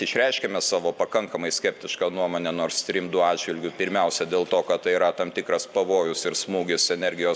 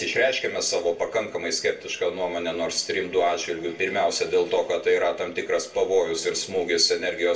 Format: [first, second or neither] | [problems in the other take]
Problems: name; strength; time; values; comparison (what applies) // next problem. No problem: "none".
first | room echo; dies away in 0.3 s